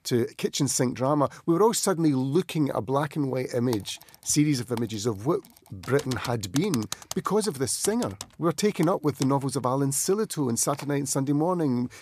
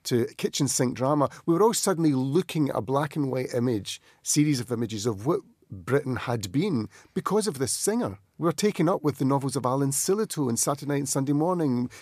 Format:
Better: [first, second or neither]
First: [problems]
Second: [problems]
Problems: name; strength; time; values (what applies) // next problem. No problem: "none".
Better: second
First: keyboard typing; noticeable; from 3.5 to 11 s; peak 9 dB below the speech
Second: none